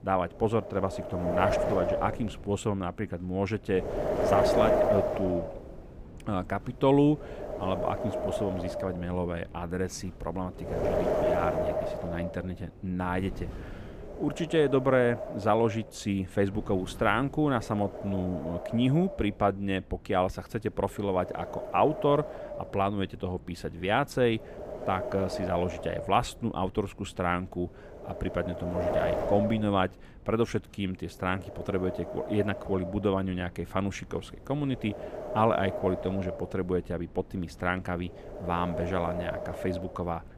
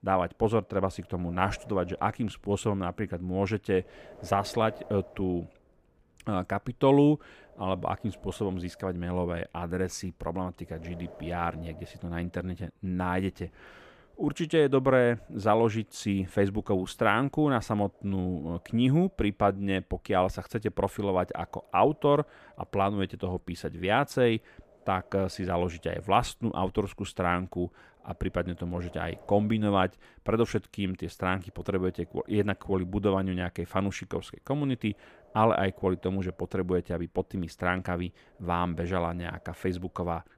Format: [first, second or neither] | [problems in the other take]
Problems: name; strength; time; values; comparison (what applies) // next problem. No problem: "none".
second | wind noise on the microphone; heavy; 2 dB below the speech; occasional gusts in the second